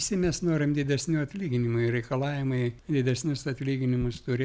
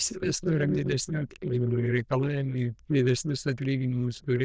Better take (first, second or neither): first